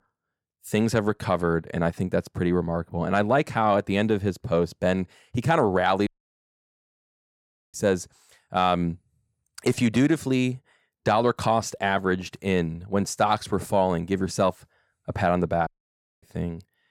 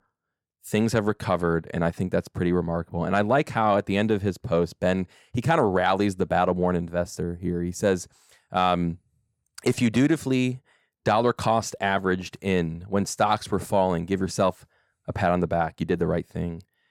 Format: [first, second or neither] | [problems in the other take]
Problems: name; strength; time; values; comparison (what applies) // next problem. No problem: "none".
second | audio cutting out; at 6 s for 1.5 s and at 16 s for 0.5 s